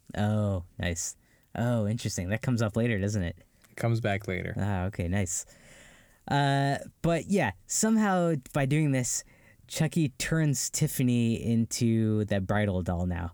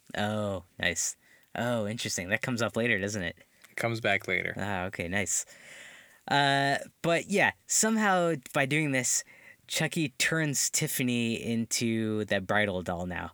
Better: first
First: none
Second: thin; somewhat; fading below 800 Hz

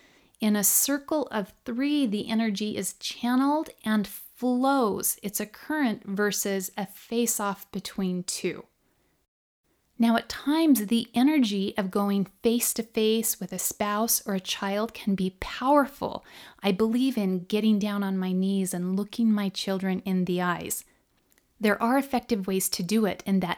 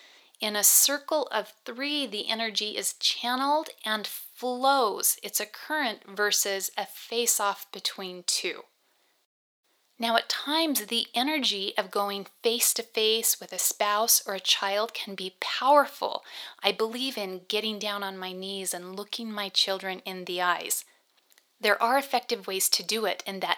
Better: first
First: none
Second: thin; very; fading below 600 Hz

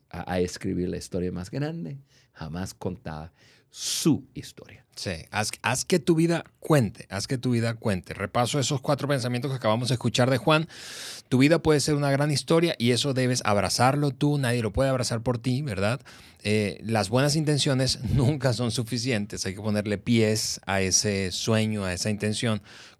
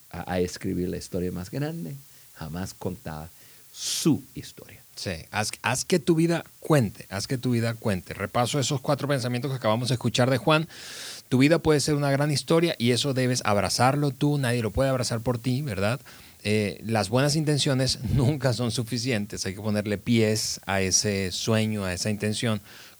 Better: first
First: none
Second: hiss; faint; throughout; 25 dB below the speech

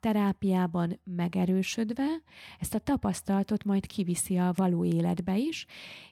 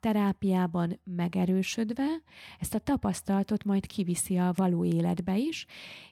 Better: neither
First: none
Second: none

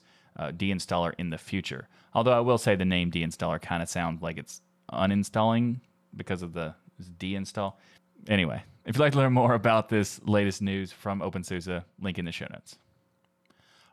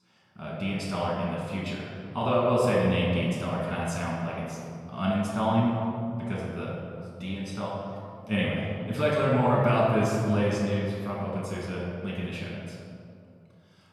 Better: first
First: none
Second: room echo; noticeable; dies away in 2.2 s // off-mic speech; far

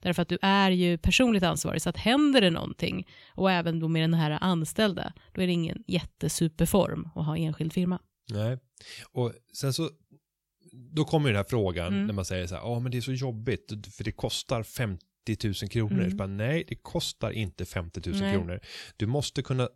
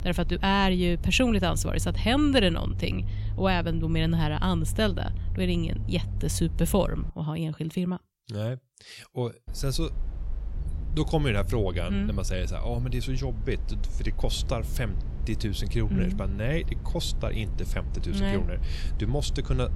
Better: first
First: none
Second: low rumble; noticeable; until 7 s and from 9.5 s on; 20 dB below the speech

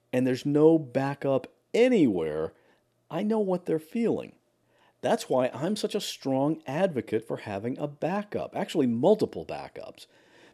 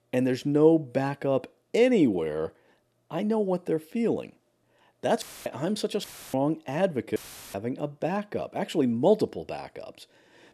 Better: first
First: none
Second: audio cutting out; filled with static; at 5 s, at 6 s and at 7 s

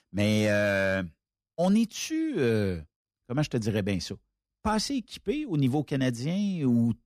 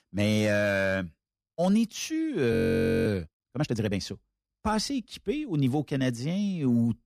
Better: first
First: none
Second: audio freezing; at 2.5 s for 0.5 s

